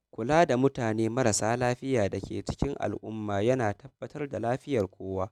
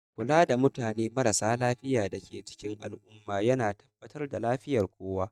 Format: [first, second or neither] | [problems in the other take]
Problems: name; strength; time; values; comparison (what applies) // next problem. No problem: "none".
first | noise reduction (neural mask model DeepFilterNet 3)